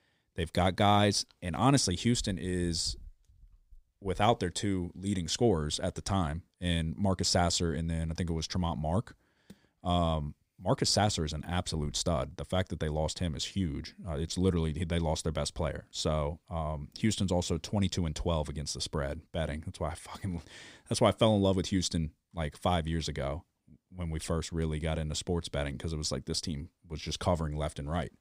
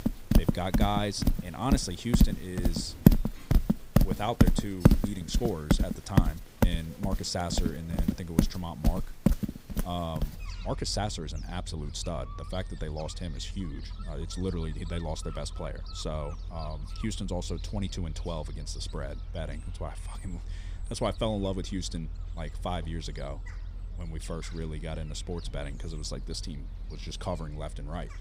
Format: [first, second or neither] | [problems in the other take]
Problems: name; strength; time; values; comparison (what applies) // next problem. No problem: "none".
first | animal sounds; very loud; throughout; 3 dB above the speech